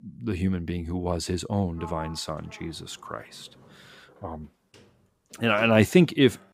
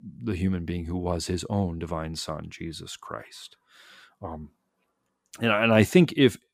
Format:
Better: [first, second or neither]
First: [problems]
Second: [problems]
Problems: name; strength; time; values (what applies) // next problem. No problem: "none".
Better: second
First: door banging; faint; from 2 s on; peak 15 dB below the speech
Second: none